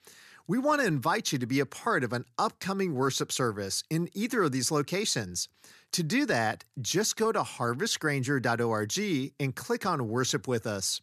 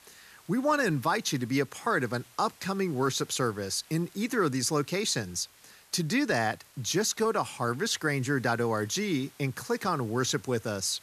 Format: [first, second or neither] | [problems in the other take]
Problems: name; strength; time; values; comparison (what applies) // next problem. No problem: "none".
first | hiss; faint; throughout; 25 dB below the speech